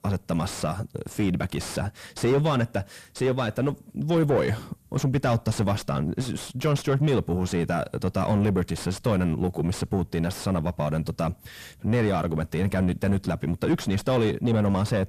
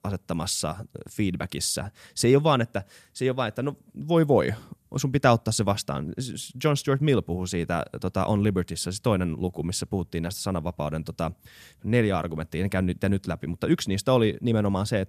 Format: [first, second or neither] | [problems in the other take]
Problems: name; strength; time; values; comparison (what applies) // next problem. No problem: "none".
second | distortion; heavy; 6 dB below the speech